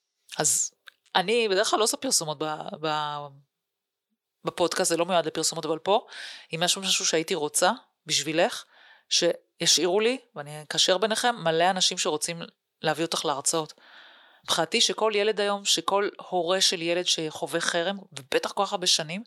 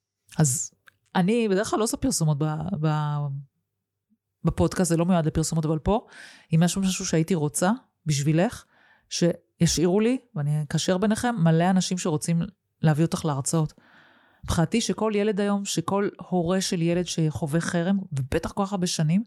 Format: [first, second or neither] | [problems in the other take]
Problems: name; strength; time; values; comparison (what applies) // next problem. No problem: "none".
second | thin; very; fading below 500 Hz